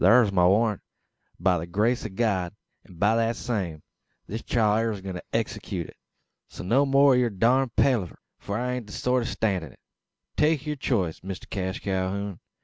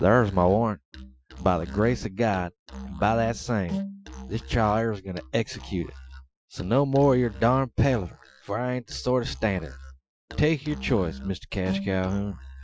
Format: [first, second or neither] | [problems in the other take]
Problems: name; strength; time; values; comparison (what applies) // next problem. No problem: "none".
first | noise reduction (classical method Wiener filter)